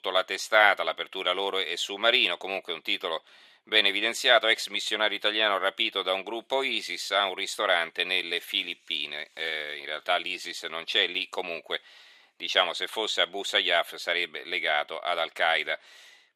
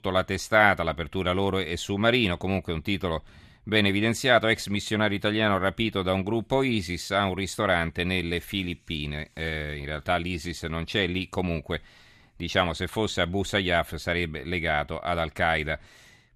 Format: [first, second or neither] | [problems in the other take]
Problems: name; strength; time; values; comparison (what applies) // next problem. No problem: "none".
second | thin; very; fading below 450 Hz